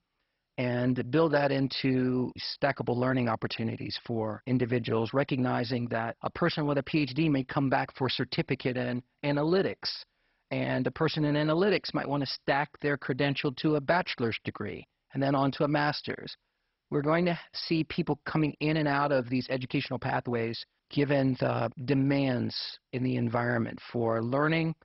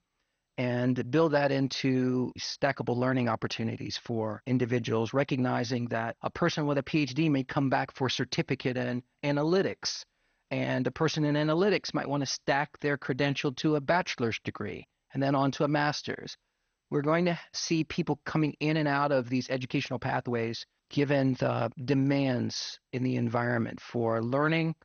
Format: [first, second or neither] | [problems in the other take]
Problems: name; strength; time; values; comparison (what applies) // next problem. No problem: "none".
second | garbled, watery; badly; nothing above 5.5 kHz; slightly in the second